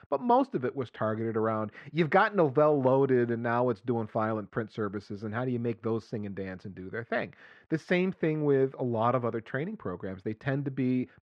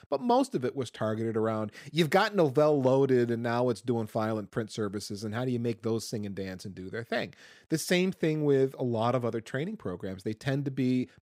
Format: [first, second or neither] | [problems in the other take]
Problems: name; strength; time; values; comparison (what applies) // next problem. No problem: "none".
second | muffled; very; fading above 2 kHz